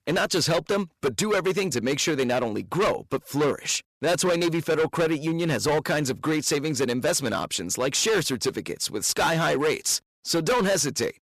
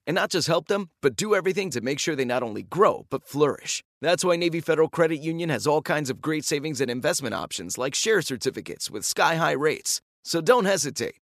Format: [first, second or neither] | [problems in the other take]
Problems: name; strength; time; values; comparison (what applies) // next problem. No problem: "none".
second | distortion; heavy; 15% of the sound clipped